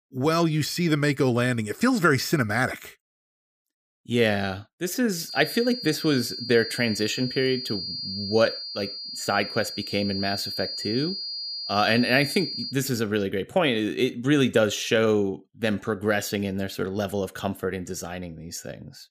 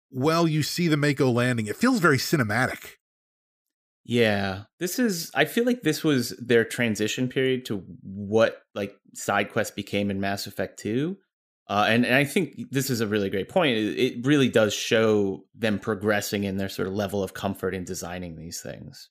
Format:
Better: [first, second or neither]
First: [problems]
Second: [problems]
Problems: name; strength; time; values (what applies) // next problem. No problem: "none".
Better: second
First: high-pitched whine; loud; from 5.5 to 13 s; 4.5 kHz, 6 dB below the speech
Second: none